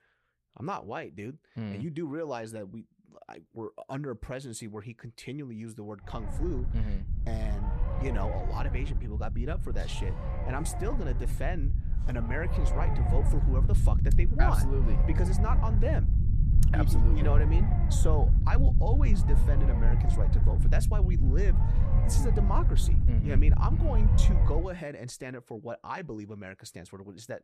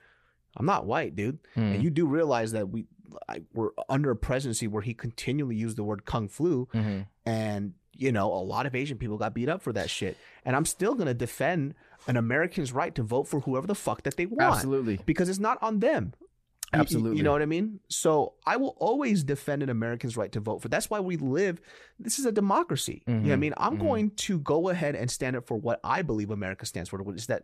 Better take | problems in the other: second | low rumble; loud; from 6 to 25 s; 4 dB below the speech

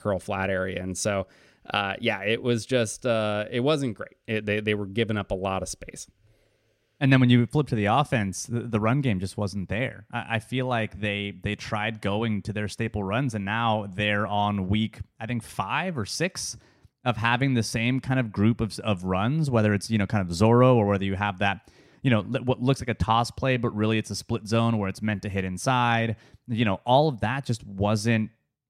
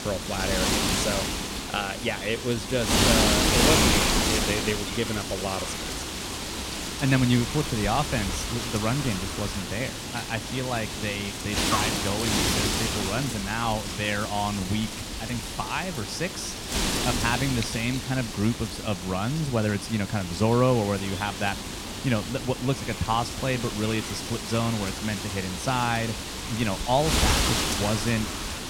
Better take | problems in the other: first | wind noise on the microphone; heavy; 1 dB above the speech

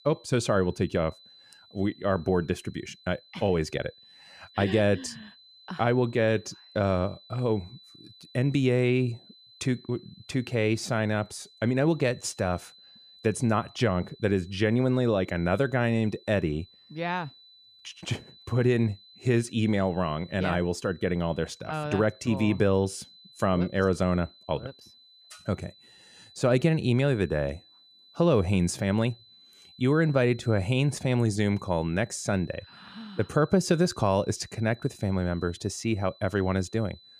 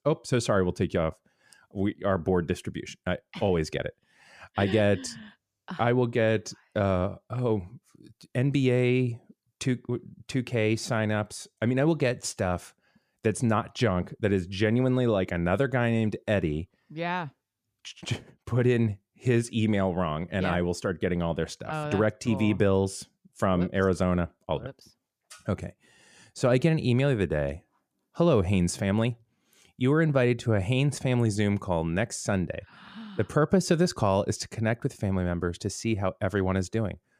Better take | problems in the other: second | high-pitched whine; faint; throughout; 4 kHz, 25 dB below the speech

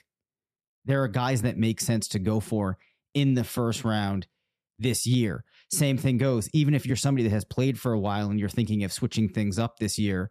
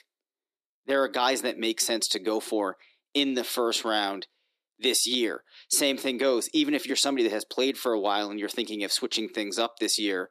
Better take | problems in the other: first | thin; somewhat; fading below 300 Hz

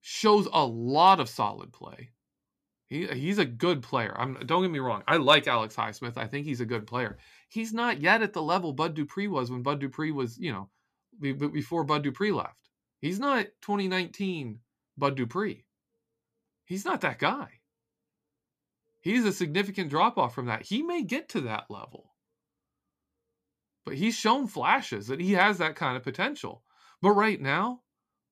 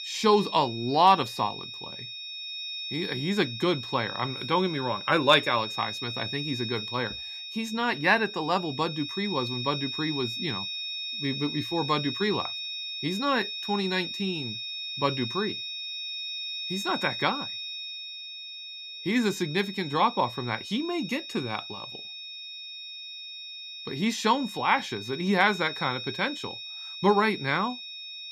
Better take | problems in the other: first | high-pitched whine; loud; throughout; 4 kHz, 7 dB below the speech

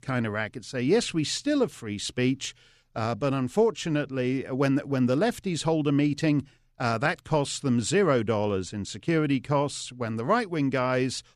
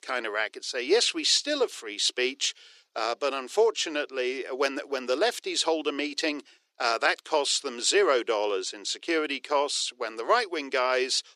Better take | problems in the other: first | thin; very; fading below 350 Hz

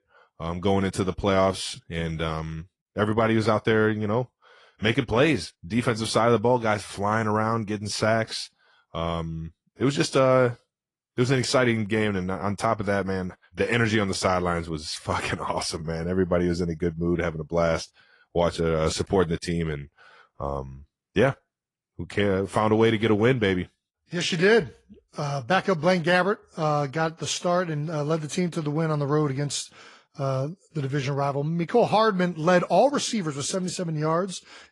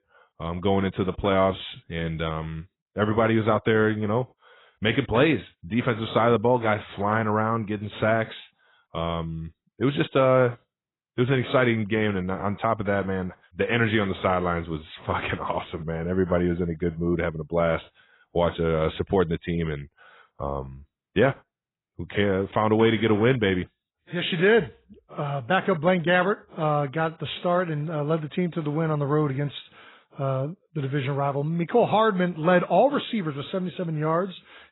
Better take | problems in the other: first | garbled, watery; badly; nothing above 4 kHz; slightly in the first

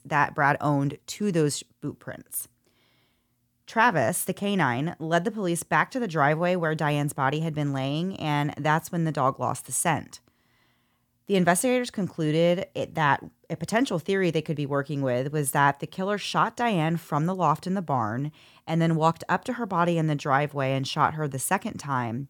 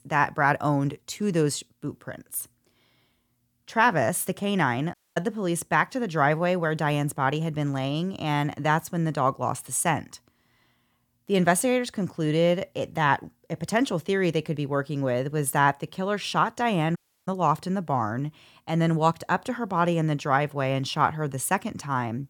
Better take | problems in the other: first | audio cutting out; at 5 s and at 17 s

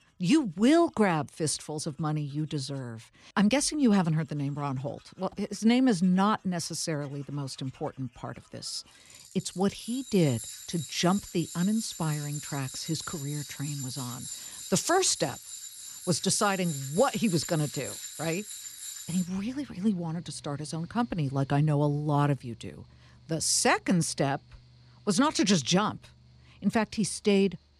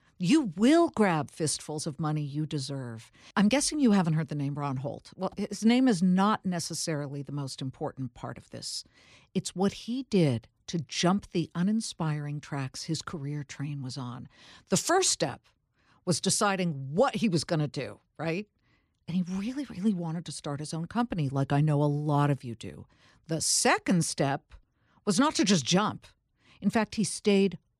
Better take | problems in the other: second | machinery noise; noticeable; throughout; 10 dB below the speech

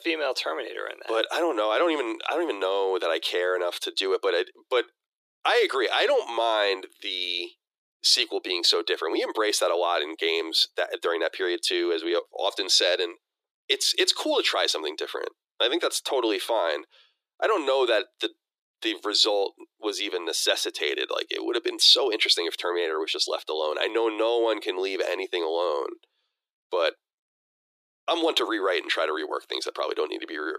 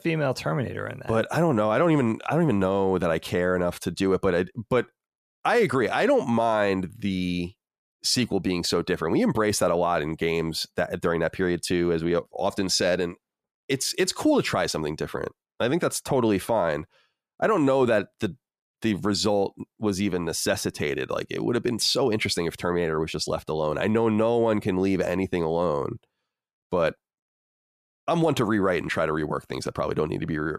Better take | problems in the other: second | thin; very; fading below 350 Hz

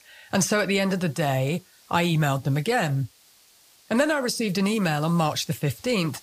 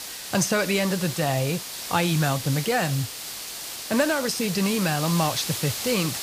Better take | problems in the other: first | hiss; loud; throughout; 6 dB below the speech; faint in the first

